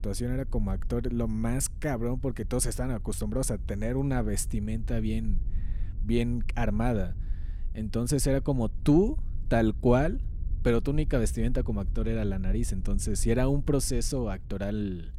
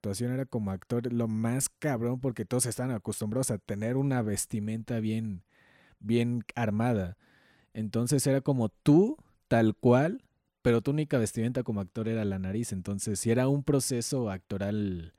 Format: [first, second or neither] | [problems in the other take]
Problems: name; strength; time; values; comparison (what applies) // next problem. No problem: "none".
second | low rumble; faint; throughout; 25 dB below the speech